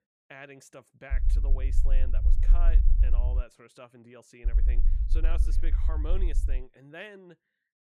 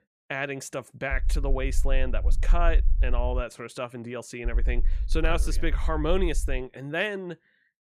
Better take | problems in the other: second | low rumble; loud; from 1 to 3.5 s and from 4.5 to 6.5 s; 6 dB below the speech; faint in the second

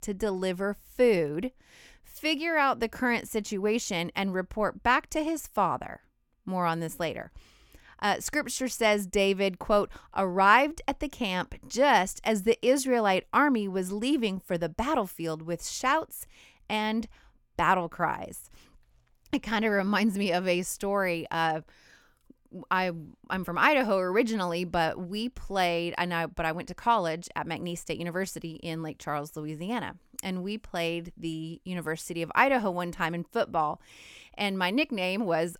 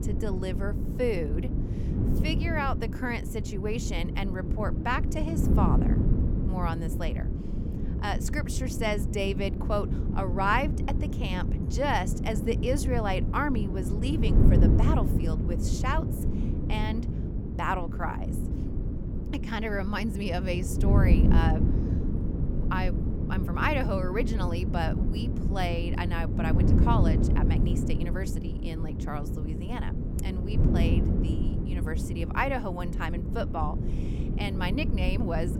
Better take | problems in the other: first | wind noise on the microphone; heavy; 6 dB below the speech

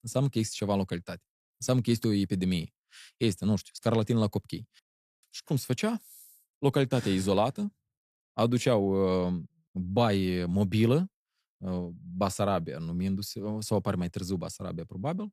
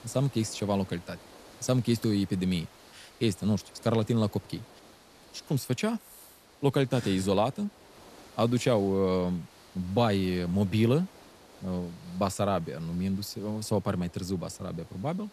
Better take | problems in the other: first | hiss; faint; throughout; 25 dB below the speech

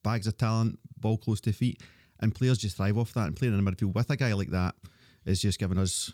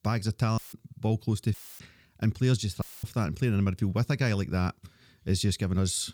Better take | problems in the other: first | audio cutting out; filled with static; at 0.5 s, at 1.5 s and at 3 s

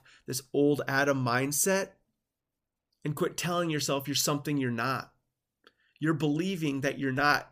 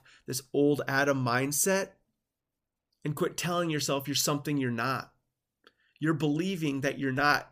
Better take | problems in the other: neither | none

